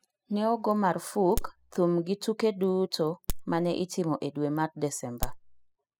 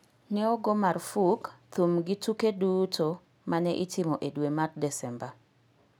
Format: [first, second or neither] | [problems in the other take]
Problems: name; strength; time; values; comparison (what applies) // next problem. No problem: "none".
second | noise reduction (classical method spectral subtraction)